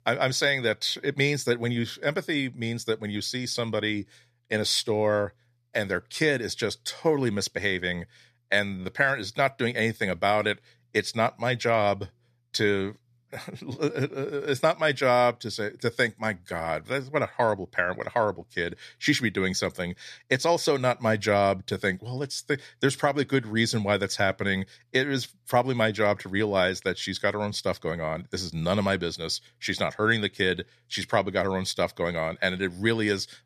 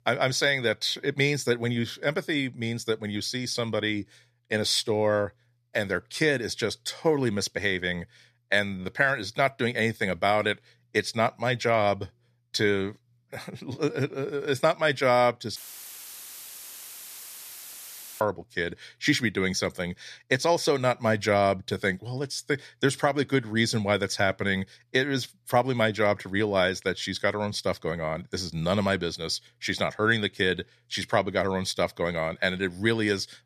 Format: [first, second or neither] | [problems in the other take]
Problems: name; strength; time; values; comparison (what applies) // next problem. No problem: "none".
first | audio cutting out; filled with static; at 16 s for 2.5 s